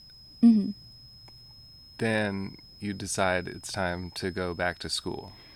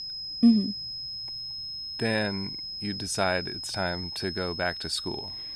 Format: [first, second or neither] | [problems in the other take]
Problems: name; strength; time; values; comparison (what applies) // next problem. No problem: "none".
first | high-pitched whine; loud; throughout; 5 kHz, 5 dB below the speech; faint in the first